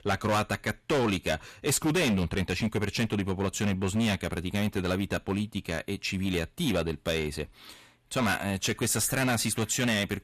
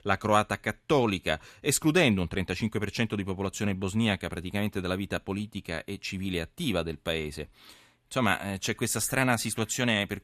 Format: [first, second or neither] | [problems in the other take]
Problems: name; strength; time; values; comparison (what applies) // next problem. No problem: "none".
second | distortion; heavy; 11% of the sound clipped